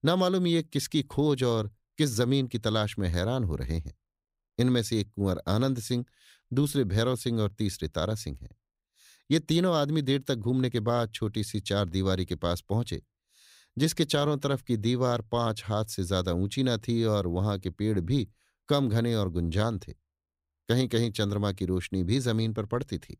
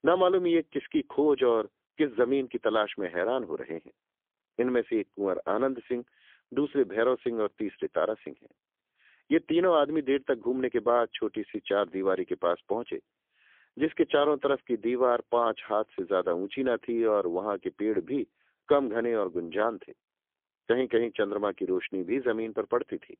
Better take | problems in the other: first | phone-call audio; poor line; nothing above 3.5 kHz

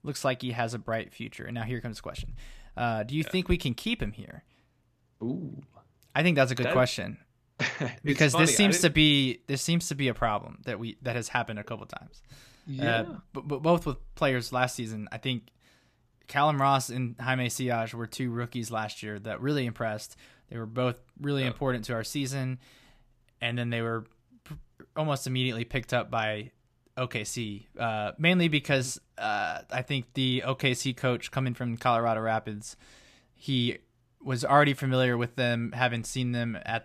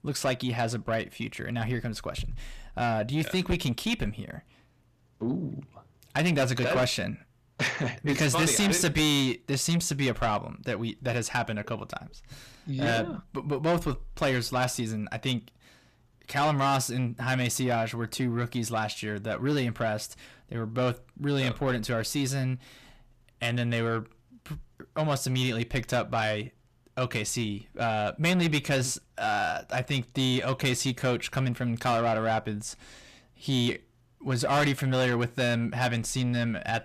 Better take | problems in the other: first | distortion; heavy; 8 dB below the speech

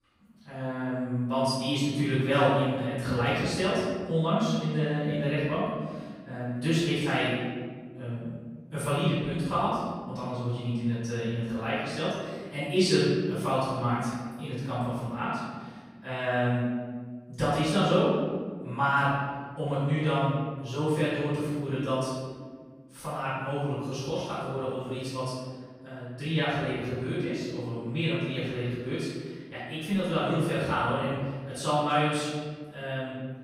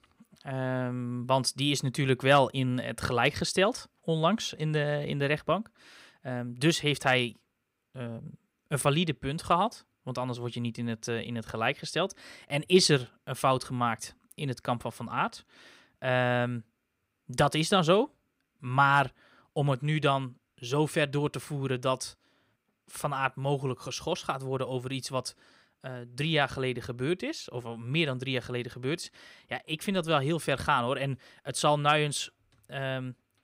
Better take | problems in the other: second | off-mic speech; far // room echo; strong; dies away in 1.8 s

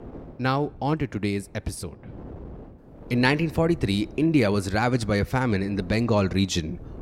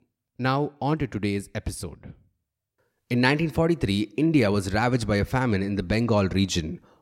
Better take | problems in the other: second | wind noise on the microphone; occasional gusts; 25 dB below the speech

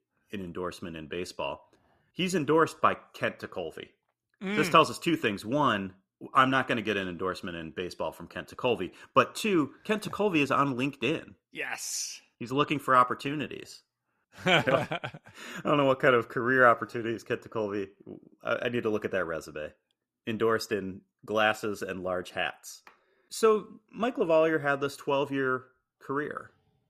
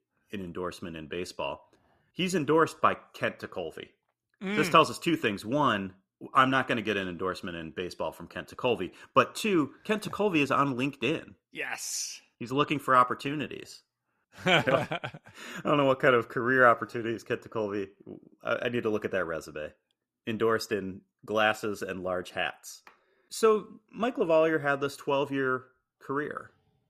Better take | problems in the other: neither | none

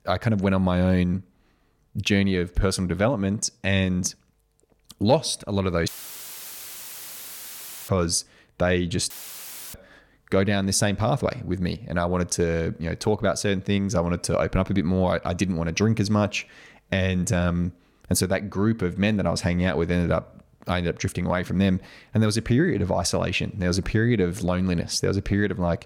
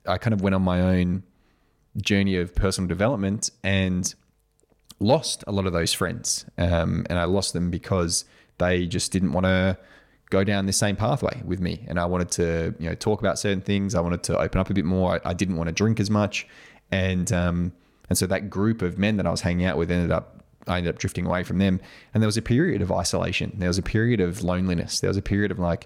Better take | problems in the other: second | audio cutting out; filled with static; at 6 s for 2 s and at 9 s for 0.5 s

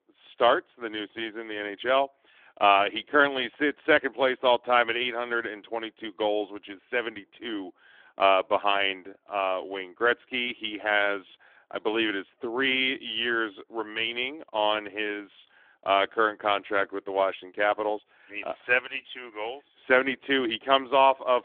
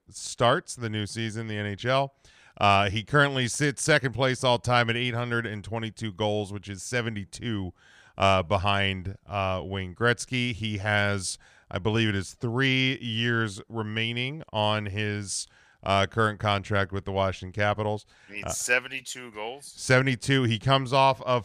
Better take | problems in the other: second | phone-call audio; nothing above 3.5 kHz

